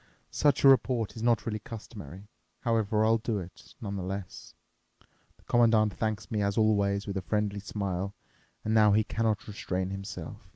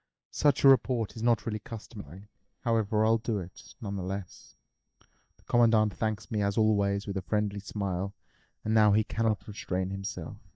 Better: first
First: none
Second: noise reduction (neural mask model DeepFilterNet 3)

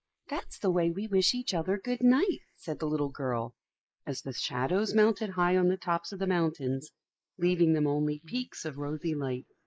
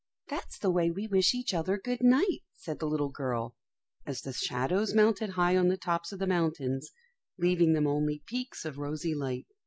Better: second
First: noise reduction (neural mask model Resemble Enhance denoiser)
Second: none

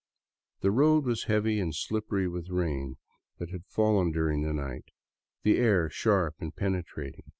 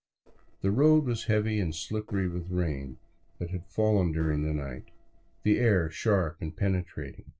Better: first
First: none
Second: noise reduction (neural separator model SepFormer DNS4)

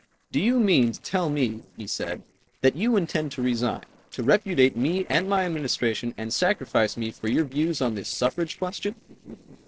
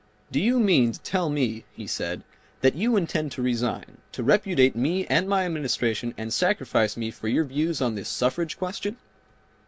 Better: second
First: noise reduction (neural separator model SepFormer DNS4)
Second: none

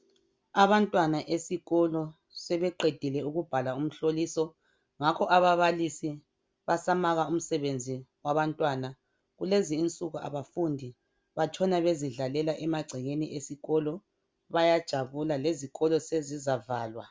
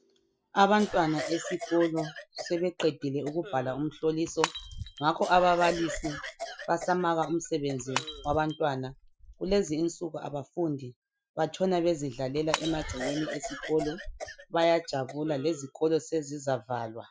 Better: first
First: none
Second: noise reduction (classical method Wiener filter)

